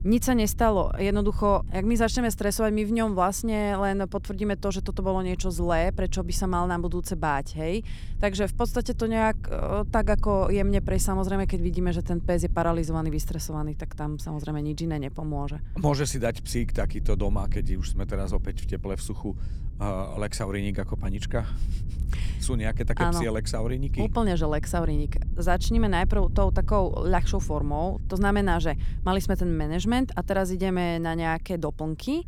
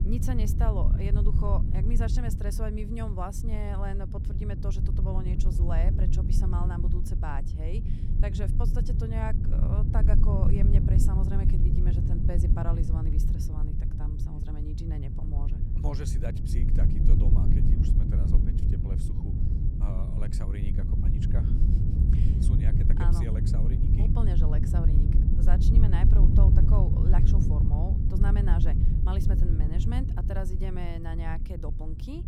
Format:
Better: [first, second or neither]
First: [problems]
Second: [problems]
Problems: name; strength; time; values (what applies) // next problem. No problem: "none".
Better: first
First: low rumble; faint; throughout; 20 dB below the speech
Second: low rumble; loud; throughout; as loud as the speech